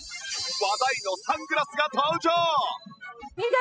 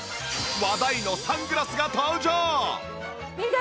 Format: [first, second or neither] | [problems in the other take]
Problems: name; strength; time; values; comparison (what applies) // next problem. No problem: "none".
second | noise reduction (classical method spectral subtraction)